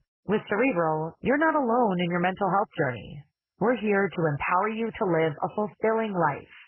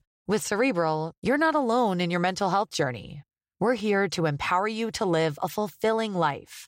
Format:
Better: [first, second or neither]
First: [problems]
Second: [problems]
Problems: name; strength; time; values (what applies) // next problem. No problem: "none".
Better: second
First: garbled, watery; badly; nothing above 3 kHz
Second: none